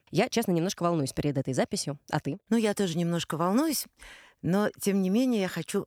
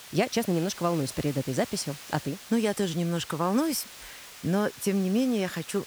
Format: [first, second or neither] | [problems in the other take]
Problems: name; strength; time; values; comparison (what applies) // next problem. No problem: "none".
first | hiss; noticeable; throughout; 15 dB below the speech